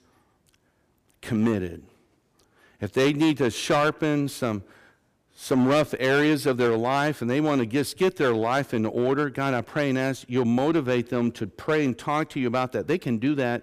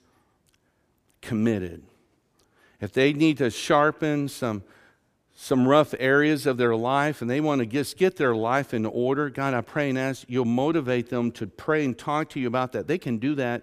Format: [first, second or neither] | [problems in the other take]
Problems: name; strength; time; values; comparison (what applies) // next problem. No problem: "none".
second | distortion; slight; 5% of the sound clipped